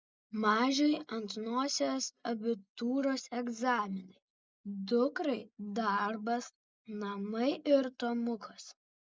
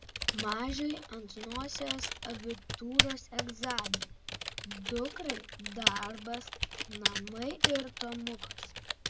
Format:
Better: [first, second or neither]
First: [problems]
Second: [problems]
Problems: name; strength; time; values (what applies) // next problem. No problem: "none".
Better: first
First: none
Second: background sound (Typing); 4 dB above the speech